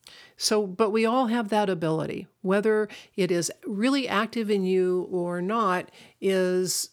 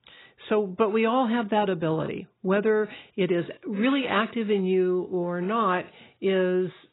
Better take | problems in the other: first | garbled, watery; badly; nothing above 4 kHz

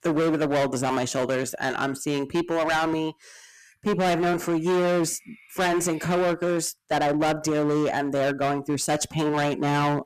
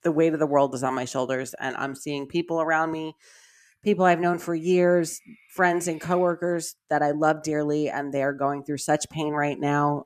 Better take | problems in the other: second | distortion; heavy; 22% of the sound clipped

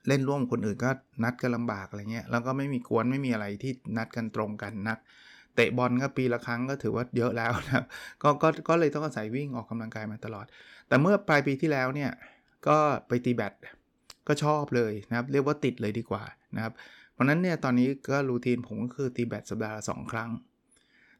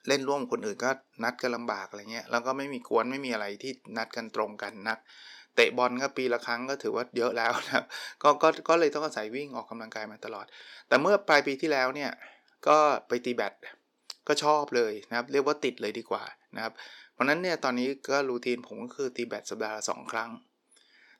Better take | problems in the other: first | thin; somewhat; fading below 450 Hz

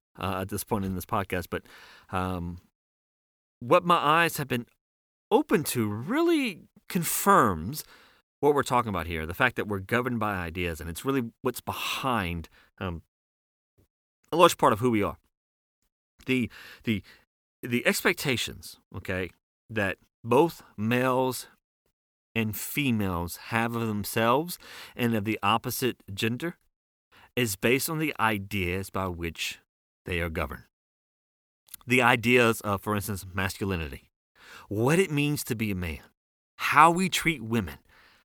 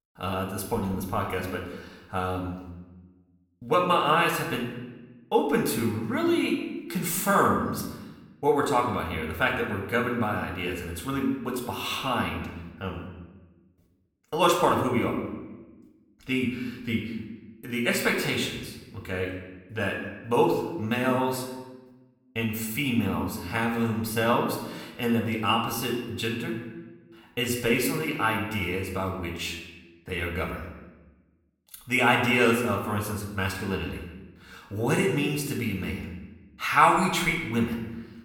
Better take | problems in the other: first | room echo; slight; dies away in 0.9 s // off-mic speech; somewhat distant

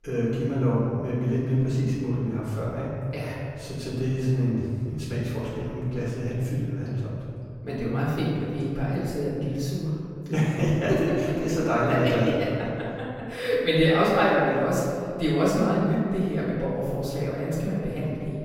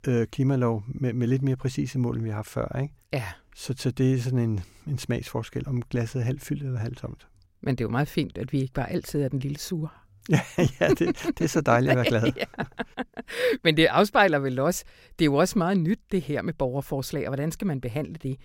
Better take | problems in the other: second | off-mic speech; far // room echo; strong; dies away in 2.2 s

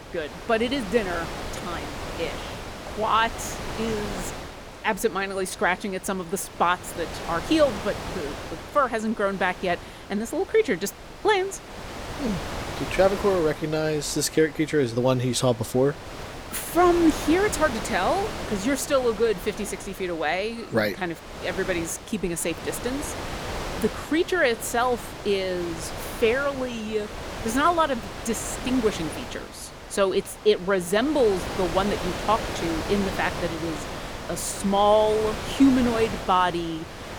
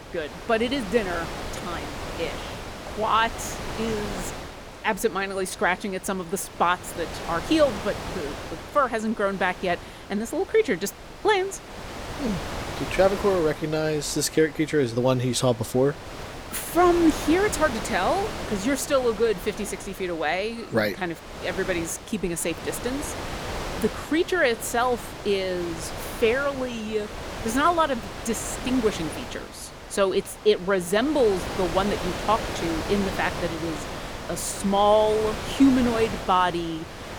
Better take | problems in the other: neither | wind noise on the microphone; heavy; 10 dB below the speech; the same in both

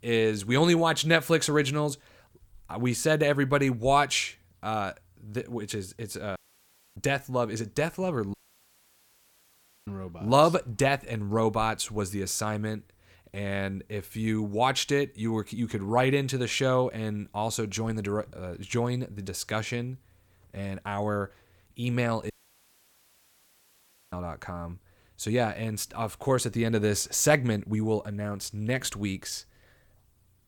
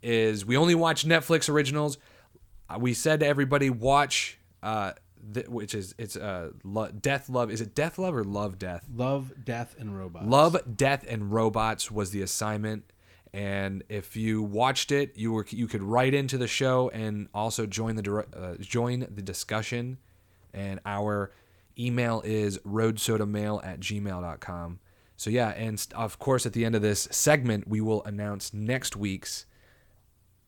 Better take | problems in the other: second | audio cutting out; at 6.5 s for 0.5 s, at 8.5 s for 1.5 s and at 22 s for 2 s

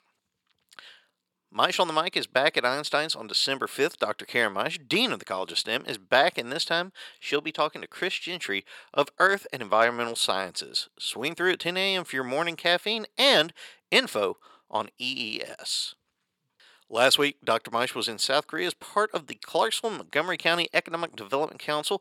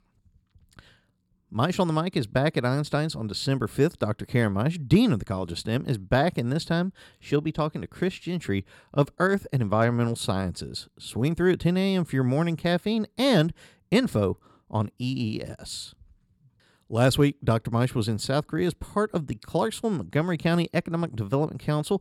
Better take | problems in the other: second | thin; very; fading below 550 Hz

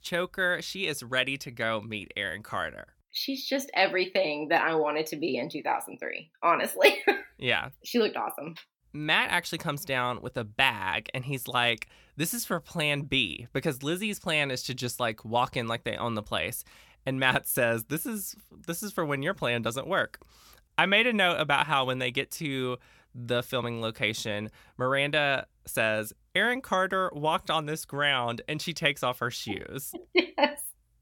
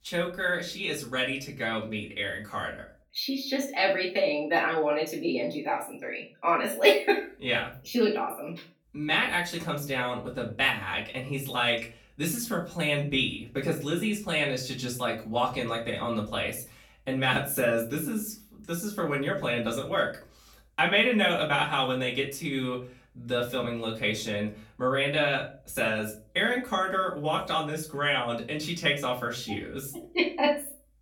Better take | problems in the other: first | room echo; slight; dies away in 0.3 s // off-mic speech; far

